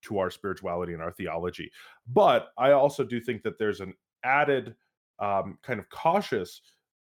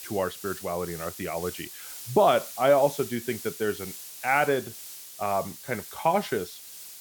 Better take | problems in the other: first | hiss; noticeable; throughout; 10 dB below the speech

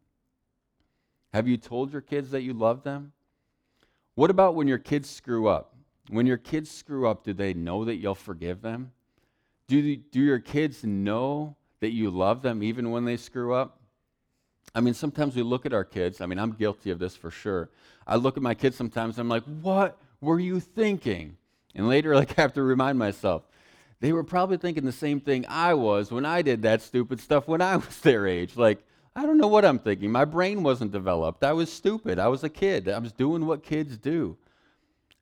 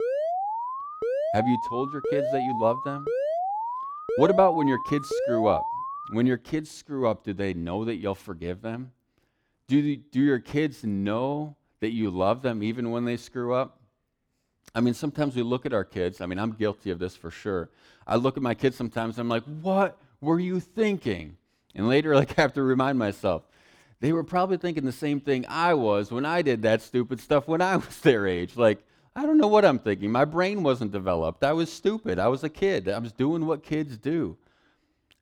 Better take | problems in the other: first | alarm; noticeable; until 6 s; peak 1 dB below the speech

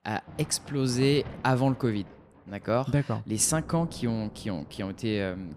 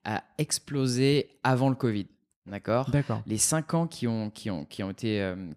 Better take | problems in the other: second | rain or running water; noticeable; throughout; 20 dB below the speech

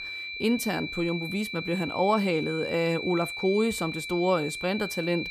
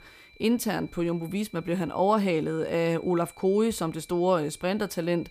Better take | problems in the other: second | high-pitched whine; loud; throughout; 2.5 kHz, 6 dB below the speech; faint in the second

